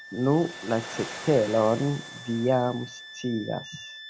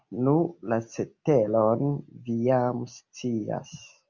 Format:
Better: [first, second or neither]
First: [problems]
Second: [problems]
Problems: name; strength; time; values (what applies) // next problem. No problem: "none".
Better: second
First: background sound (Wind instrument, woodwind instrument + Waves, surf); 14 dB below the speech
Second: none